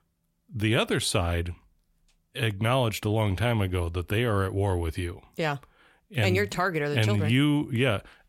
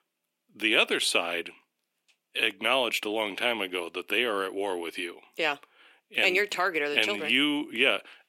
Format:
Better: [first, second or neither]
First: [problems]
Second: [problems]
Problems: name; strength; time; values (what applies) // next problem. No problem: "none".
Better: first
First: none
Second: thin; somewhat; fading below 300 Hz